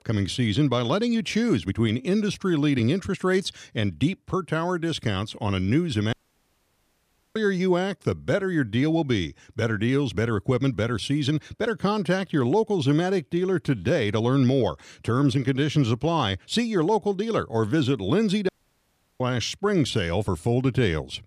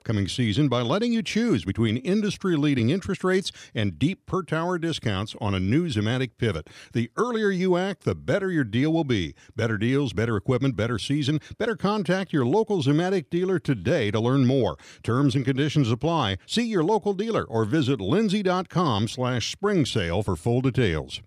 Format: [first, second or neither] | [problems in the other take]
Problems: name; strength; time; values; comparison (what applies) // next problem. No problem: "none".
second | audio cutting out; at 6 s for 1 s and at 18 s for 0.5 s